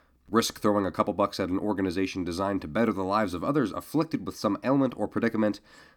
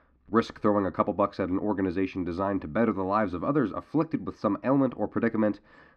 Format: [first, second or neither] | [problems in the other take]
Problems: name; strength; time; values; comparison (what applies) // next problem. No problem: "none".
first | muffled; slightly; fading above 2 kHz